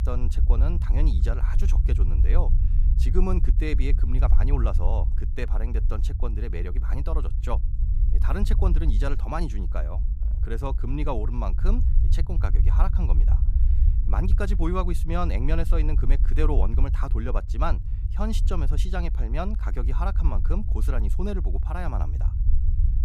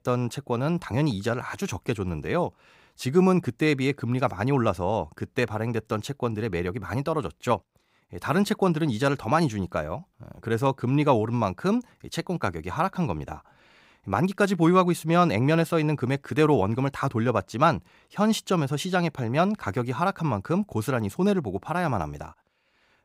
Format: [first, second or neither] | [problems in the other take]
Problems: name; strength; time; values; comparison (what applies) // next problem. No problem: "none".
second | low rumble; noticeable; throughout; 10 dB below the speech